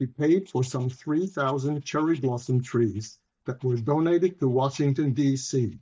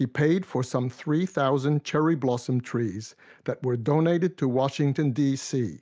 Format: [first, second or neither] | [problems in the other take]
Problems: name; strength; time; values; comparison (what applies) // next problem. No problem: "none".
second | noise reduction (neural mask model DeepFilterNet 3)